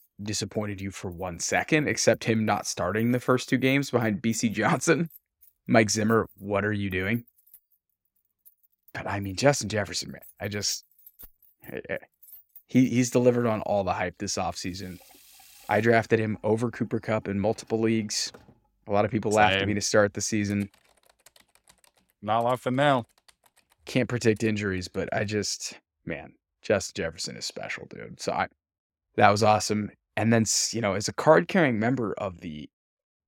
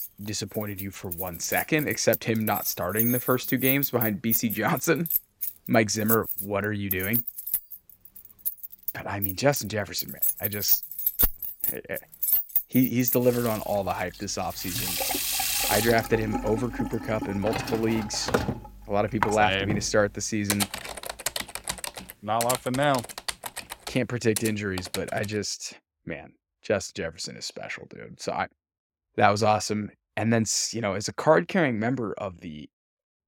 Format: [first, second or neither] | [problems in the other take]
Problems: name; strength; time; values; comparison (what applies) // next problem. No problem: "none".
first | household noises; loud; until 25 s; 2 dB below the speech; faint in the first